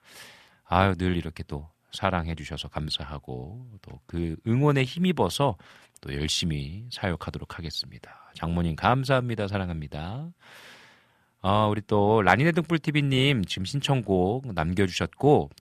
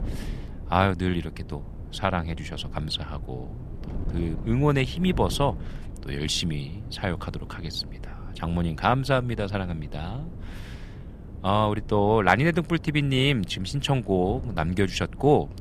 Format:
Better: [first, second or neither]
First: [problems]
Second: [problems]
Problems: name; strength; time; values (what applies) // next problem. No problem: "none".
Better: first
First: none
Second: wind noise on the microphone; occasional gusts; 20 dB below the speech